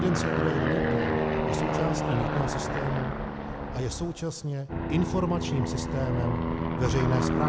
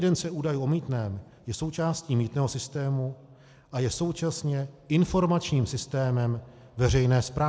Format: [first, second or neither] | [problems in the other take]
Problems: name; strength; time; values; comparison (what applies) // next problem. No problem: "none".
second | background sound (Aircraft); 2 dB above the speech